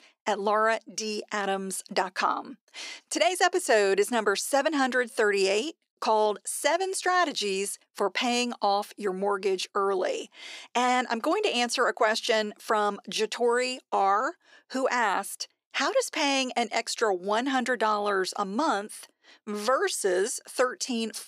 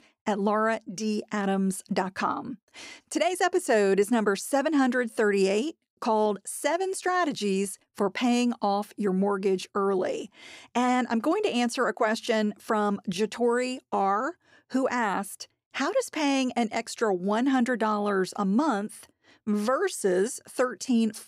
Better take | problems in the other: second | thin; somewhat; fading below 400 Hz

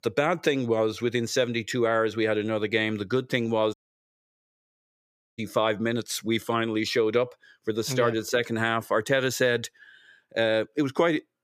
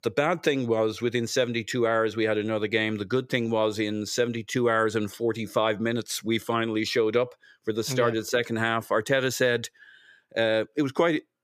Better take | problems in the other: second | audio cutting out; at 3.5 s for 1.5 s

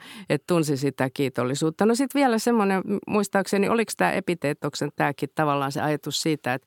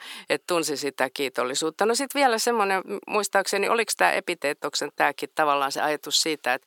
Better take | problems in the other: first | thin; somewhat; fading below 500 Hz

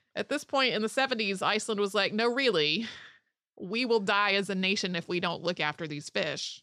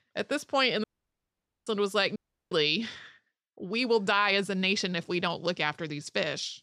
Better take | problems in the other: first | audio cutting out; at 1 s for 1 s and at 2 s

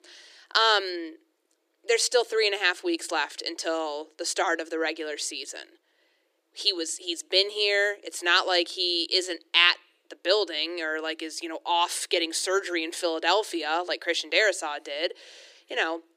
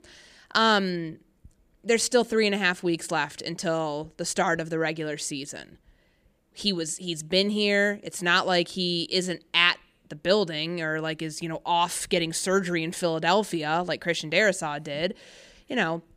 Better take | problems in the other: second | thin; very; fading below 300 Hz

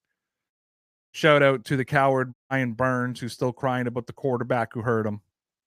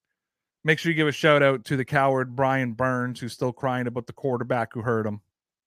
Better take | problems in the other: second | audio cutting out; at 0.5 s for 0.5 s and at 2.5 s

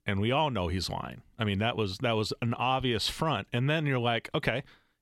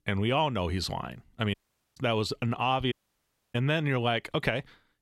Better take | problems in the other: first | audio cutting out; at 1.5 s and at 3 s for 0.5 s

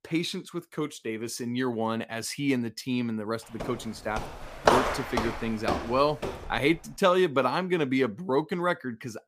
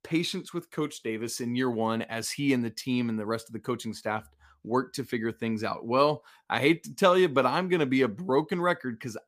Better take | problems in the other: second | footsteps; loud; from 3.5 to 6.5 s; peak 6 dB above the speech

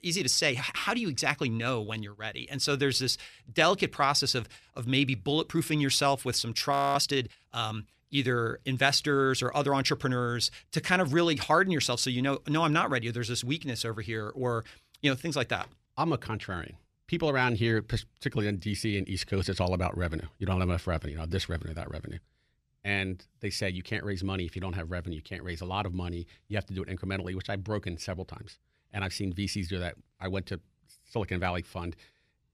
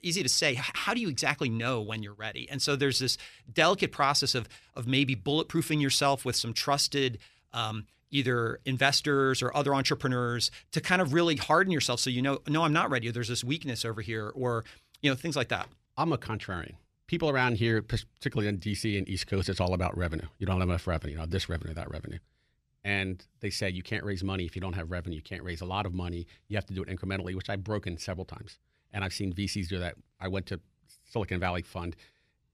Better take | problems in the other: second | audio freezing; at 6.5 s

